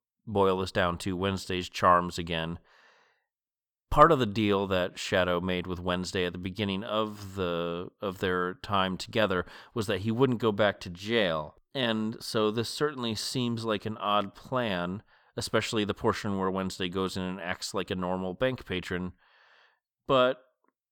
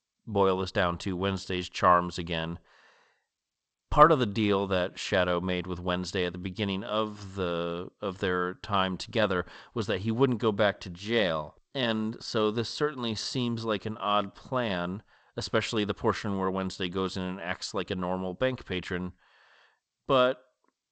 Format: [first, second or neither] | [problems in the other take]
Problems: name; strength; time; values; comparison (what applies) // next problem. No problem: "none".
first | garbled, watery; slightly; nothing above 8 kHz